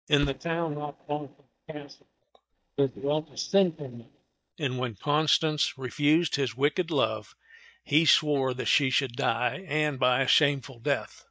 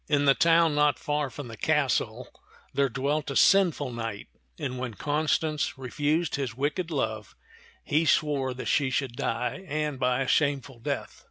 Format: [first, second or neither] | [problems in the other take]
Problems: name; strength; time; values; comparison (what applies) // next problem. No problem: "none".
second | noise reduction (neural mask model DeepFilterNet 3)